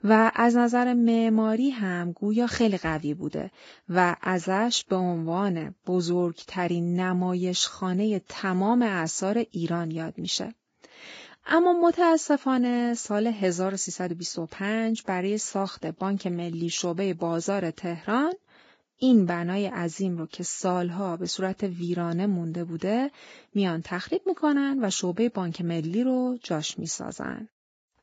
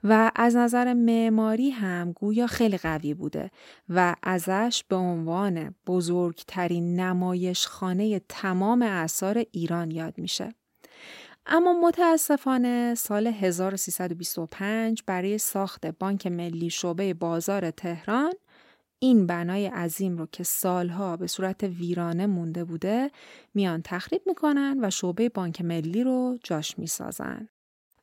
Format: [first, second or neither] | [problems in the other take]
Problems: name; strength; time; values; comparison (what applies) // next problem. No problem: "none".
second | garbled, watery; badly; nothing above 7.5 kHz